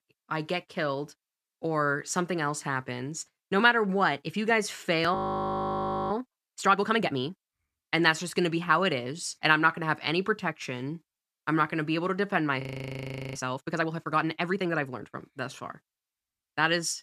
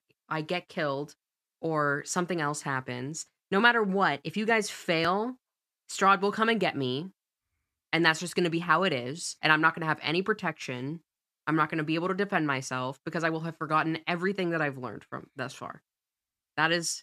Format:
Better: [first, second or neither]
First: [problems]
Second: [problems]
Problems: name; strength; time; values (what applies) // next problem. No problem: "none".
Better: second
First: audio freezing; at 5 s for 1 s and at 13 s for 0.5 s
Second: none